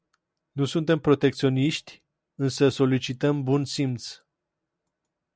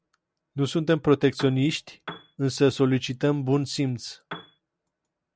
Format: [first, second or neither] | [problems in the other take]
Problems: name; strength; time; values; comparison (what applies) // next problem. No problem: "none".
first | background sound (Piano); 14 dB below the speech